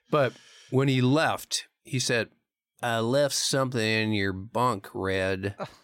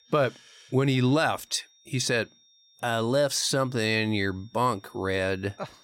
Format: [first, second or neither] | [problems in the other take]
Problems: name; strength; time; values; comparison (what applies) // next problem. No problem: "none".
first | high-pitched whine; faint; throughout; 3.5 kHz, 30 dB below the speech